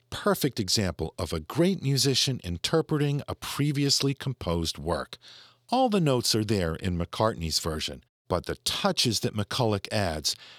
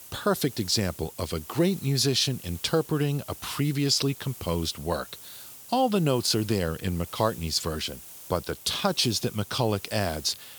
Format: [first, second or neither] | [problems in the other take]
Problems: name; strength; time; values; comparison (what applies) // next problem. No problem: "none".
first | hiss; noticeable; throughout; 15 dB below the speech